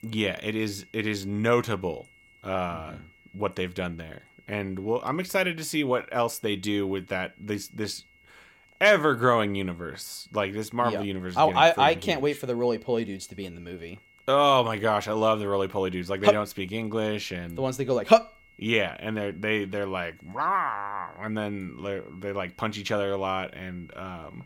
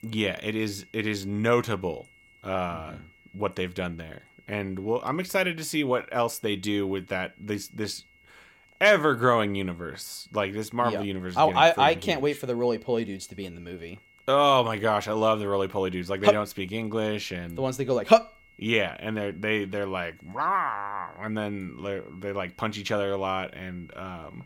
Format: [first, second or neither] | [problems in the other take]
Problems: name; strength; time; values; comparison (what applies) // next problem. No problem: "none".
neither | high-pitched whine; faint; throughout; 2 kHz, 30 dB below the speech; the same in both